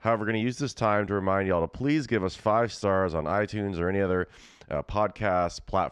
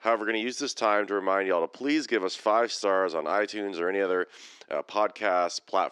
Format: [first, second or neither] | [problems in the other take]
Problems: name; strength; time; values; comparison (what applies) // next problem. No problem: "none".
first | thin; somewhat; fading below 300 Hz